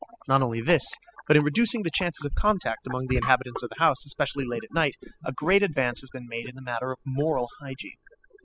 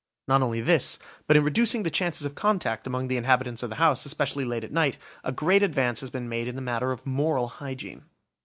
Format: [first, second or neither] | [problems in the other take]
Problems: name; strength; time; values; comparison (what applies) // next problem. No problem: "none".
second | noise reduction (classical method spectral subtraction)